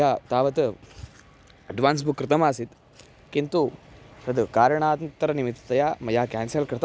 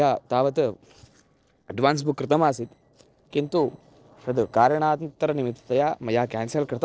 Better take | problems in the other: first | noise reduction (neural separator model SepFormer DNS4)

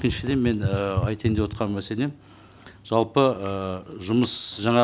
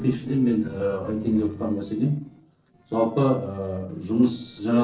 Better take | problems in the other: first | noise reduction (neural separator model SepFormer DNS4)

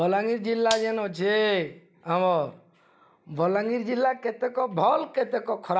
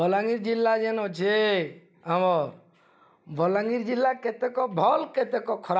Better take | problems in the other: second | background sound (Gunshot, gunfire); 13 dB below the speech

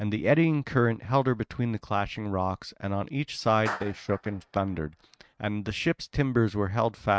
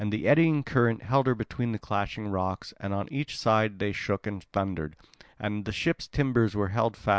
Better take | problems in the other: second | noise reduction (neural mask model RNNoise)

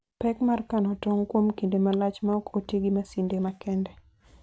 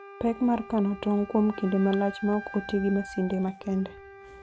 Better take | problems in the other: first | background sound (Wind instrument, woodwind instrument); 16 dB below the speech

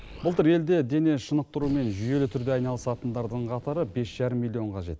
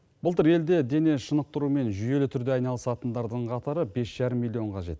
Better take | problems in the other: second | background sound (Explosion); 20 dB below the speech

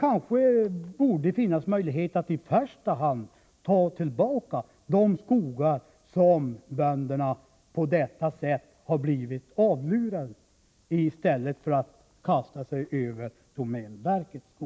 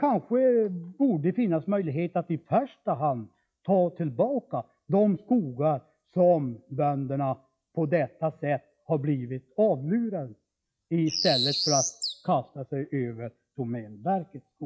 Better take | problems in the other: first | noise reduction (classical method log-MMSE)

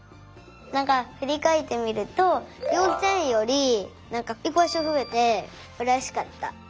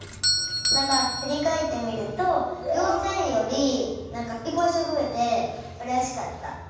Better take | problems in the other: first | background sound (Doorbell); 6 dB below the speech // room echo; dies away in 1.2 s

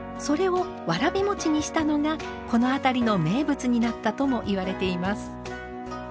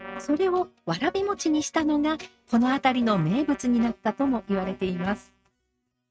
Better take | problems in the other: first | noise reduction (neural mask model RNNoise)

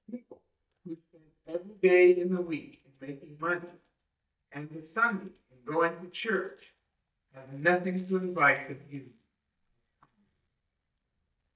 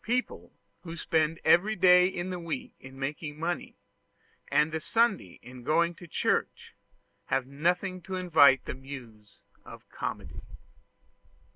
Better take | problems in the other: second | noise reduction (neural mask model DeepFilterNet 3)

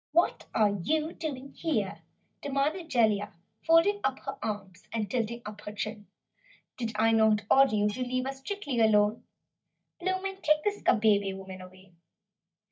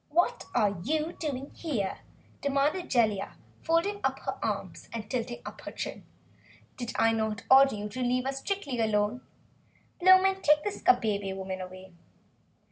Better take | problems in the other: second | noise reduction (neural mask model DeepFilterNet 3)

